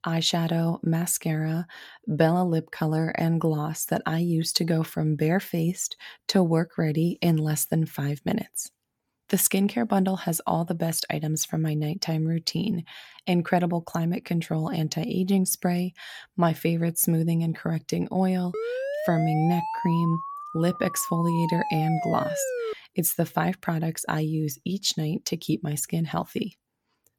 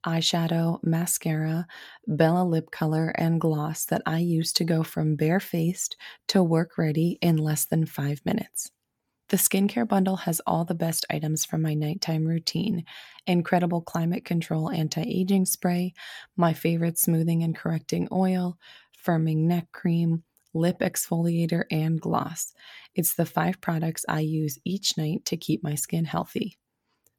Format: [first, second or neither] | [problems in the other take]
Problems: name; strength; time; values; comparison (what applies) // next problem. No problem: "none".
second | siren; noticeable; from 19 to 23 s; peak 4 dB below the speech